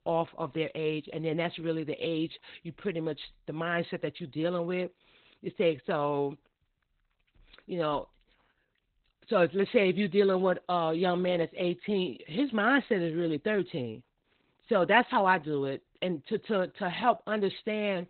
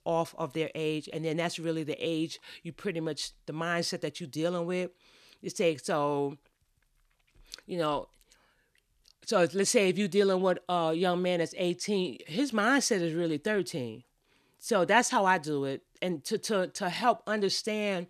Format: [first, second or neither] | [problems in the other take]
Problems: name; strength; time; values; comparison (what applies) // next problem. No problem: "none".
second | garbled, watery; badly; nothing above 4 kHz